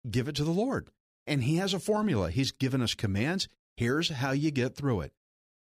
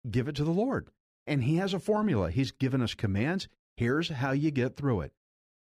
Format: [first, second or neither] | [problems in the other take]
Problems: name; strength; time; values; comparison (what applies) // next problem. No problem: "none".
first | muffled; slightly; fading above 3 kHz